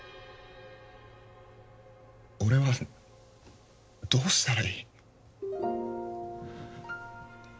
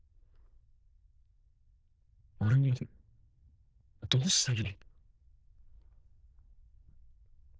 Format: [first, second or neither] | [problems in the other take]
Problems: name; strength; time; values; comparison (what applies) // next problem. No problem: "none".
first | noise reduction (neural diffusion model UNIVERSE++)